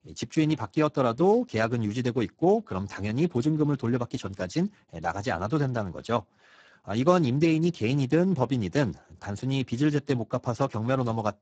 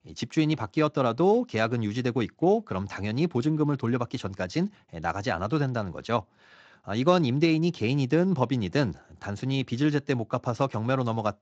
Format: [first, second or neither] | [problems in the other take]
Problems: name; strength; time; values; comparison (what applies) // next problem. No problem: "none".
second | garbled, watery; badly; nothing above 7.5 kHz; slightly in the second